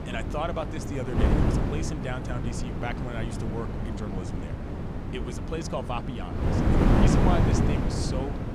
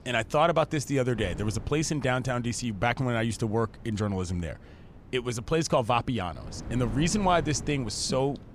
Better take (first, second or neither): second